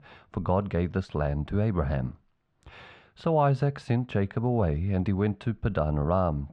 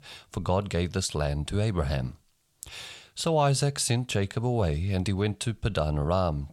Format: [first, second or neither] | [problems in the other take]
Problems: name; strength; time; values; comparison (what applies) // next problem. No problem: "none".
second | muffled; very; fading above 1.5 kHz